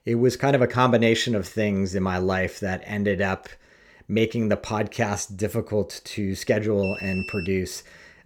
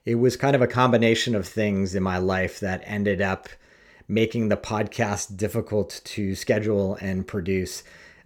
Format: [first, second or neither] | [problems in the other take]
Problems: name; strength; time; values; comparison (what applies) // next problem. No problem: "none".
second | alarm; noticeable; at 7 s; peak 8 dB below the speech